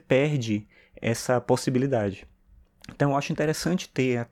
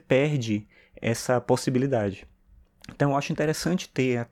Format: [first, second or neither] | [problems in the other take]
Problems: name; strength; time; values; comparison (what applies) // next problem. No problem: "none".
neither | none